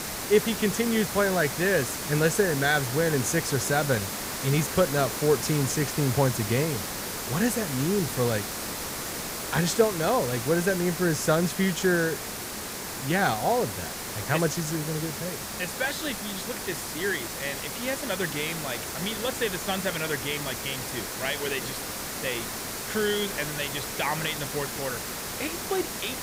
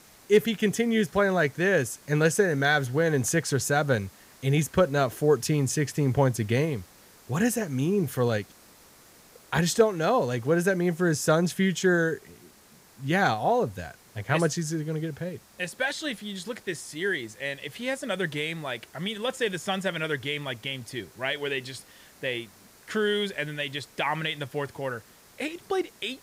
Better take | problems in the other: second | hiss; loud; throughout; 4 dB below the speech; faint in the second

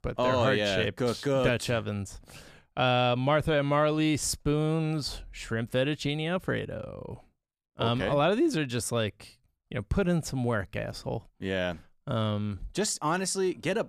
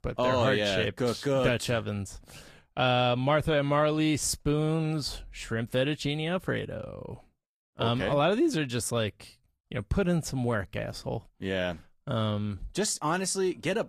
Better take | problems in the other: first | garbled, watery; slightly; nothing above 14.5 kHz

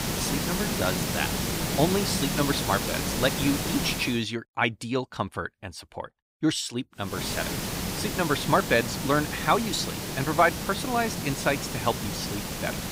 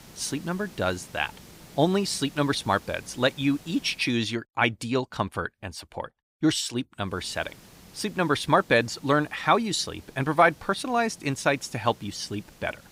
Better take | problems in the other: second | hiss; loud; until 4 s and from 7 s on; 2 dB below the speech; faint in the second

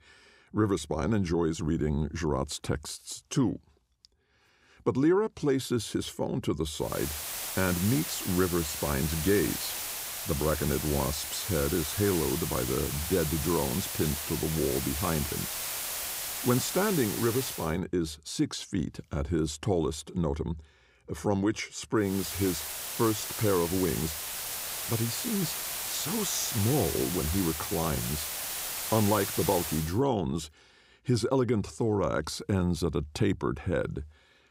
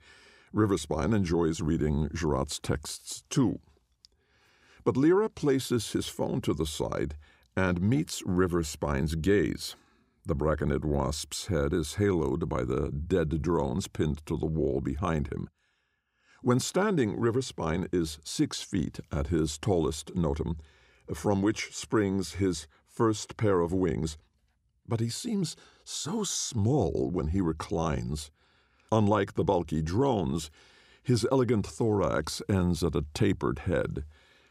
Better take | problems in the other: second | hiss; loud; from 7 to 18 s and from 22 to 30 s; 3 dB below the speech

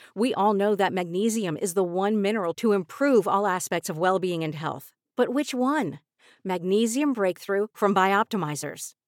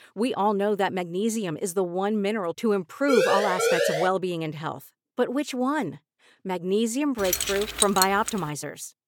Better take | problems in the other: first | siren; loud; from 3 to 4 s; peak 3 dB above the speech // jangling keys; loud; from 7.5 to 8.5 s; peak 3 dB above the speech

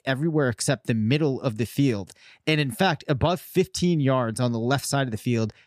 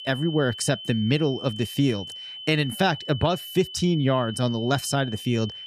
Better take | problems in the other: first | high-pitched whine; noticeable; throughout; 3 kHz, 10 dB below the speech

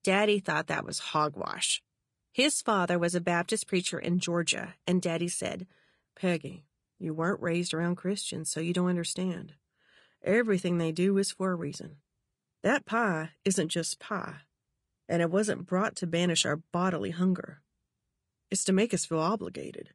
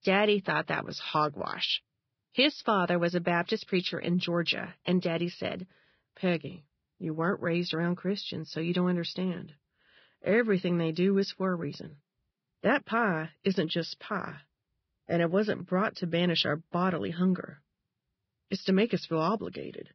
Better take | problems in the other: first | garbled, watery; badly; nothing above 5.5 kHz; slightly in the first

